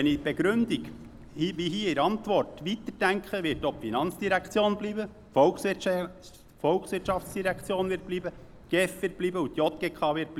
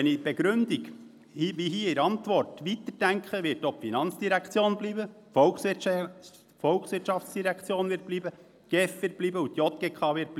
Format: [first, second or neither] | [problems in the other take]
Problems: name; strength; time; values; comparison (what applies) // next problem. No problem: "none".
second | background sound (Car + Fireworks); 20 dB below the speech